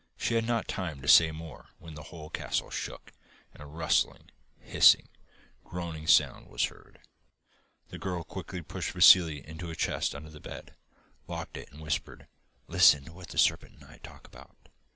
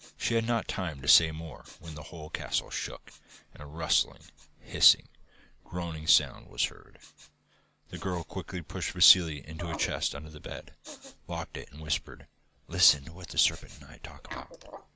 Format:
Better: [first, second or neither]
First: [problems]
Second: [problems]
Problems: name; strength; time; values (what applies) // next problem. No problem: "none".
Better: first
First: none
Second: background sound (Respiratory sounds); 19 dB below the speech